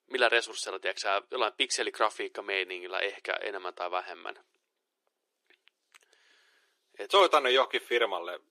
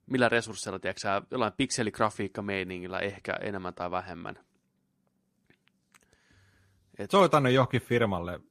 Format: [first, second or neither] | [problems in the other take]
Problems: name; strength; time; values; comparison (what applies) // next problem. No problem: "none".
second | thin; very; fading below 350 Hz